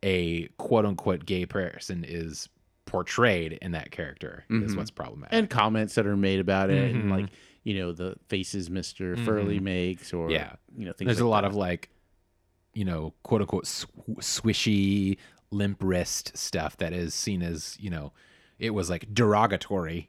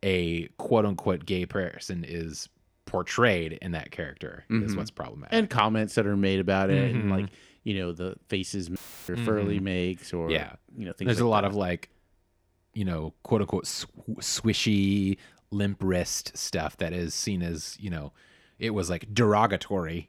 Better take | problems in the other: first | audio cutting out; filled with static; at 9 s

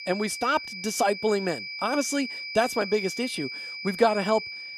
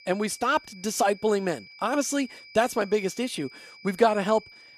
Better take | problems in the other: second | high-pitched whine; loud; throughout; 2.5 kHz, 7 dB below the speech; faint in the second

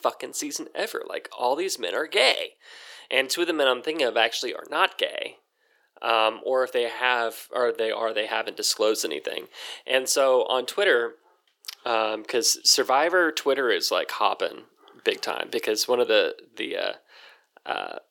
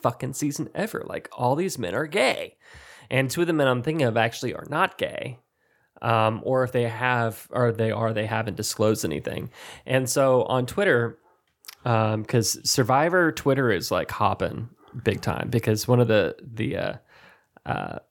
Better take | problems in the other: second | thin; very; fading below 350 Hz

